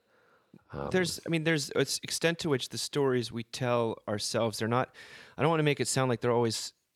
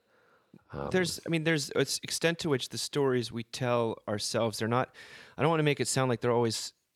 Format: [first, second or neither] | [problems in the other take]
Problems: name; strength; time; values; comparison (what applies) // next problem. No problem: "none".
neither | none